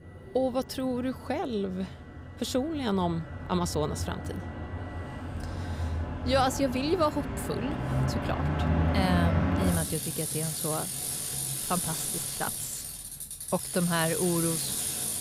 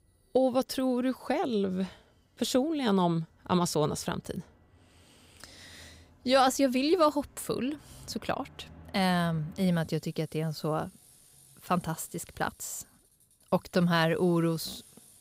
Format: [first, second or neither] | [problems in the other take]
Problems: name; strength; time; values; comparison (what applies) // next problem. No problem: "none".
second | traffic noise; loud; throughout; as loud as the speech; faint in the second